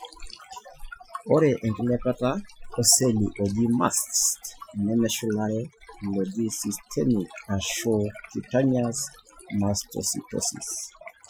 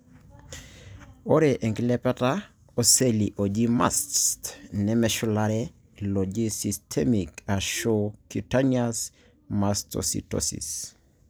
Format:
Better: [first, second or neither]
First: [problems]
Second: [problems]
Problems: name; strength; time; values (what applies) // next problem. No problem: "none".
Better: second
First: noise reduction (classical method Wiener filter)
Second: none